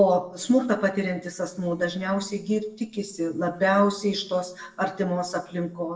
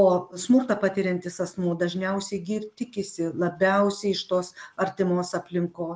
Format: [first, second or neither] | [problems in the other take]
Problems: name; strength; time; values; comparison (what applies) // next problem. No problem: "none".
second | noise reduction (neural separator model SepFormer DNS4)